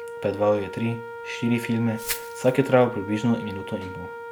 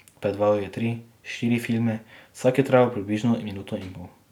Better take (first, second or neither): second